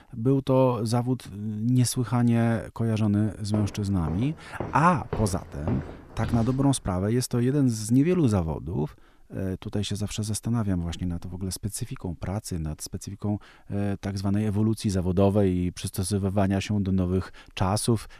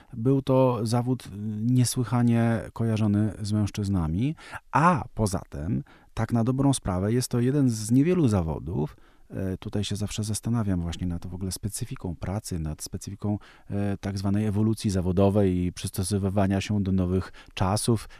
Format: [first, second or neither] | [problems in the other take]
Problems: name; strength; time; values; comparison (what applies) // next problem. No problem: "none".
second | footsteps; noticeable; from 3.5 to 6.5 s; peak 9 dB below the speech